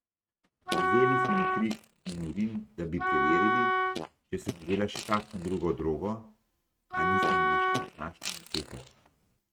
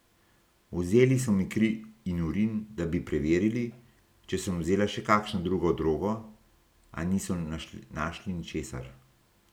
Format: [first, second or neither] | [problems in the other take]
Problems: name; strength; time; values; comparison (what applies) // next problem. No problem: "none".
second | noise reduction (neural mask model RNNoise)